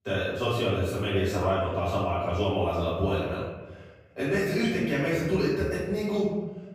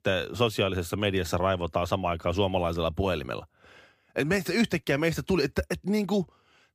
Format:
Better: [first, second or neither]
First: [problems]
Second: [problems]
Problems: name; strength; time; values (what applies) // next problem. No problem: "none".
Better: second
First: off-mic speech; far // room echo; strong; dies away in 1.1 s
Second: none